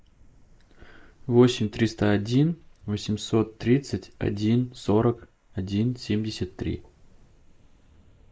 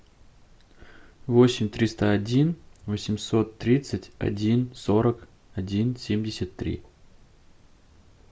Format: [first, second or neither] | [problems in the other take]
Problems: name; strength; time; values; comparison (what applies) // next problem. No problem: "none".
second | noise reduction (neural mask model Resemble Enhance denoiser)